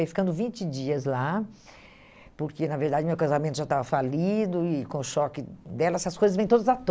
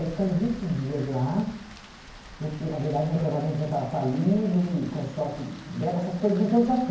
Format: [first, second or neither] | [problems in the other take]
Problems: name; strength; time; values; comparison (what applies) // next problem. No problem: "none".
first | background sound (Rain); 19 dB below the speech // room echo; dies away in 0.9 s